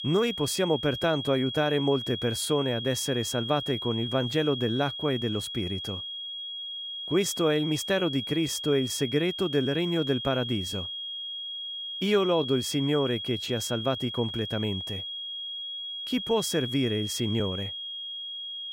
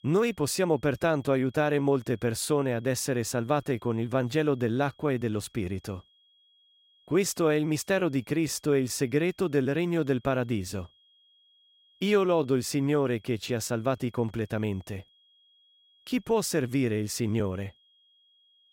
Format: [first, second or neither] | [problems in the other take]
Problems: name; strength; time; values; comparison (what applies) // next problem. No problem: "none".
second | high-pitched whine; loud; throughout; 3.5 kHz, 5 dB below the speech; faint in the second